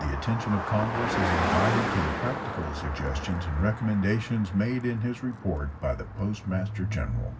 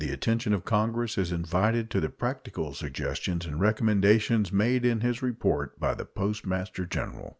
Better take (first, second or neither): second